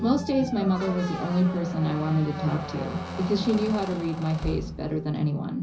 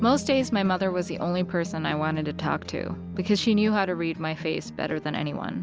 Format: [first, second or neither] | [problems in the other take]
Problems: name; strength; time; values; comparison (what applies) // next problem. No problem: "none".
second | background sound (Squeak); 12 dB below the speech // room echo; dies away in 0.5 s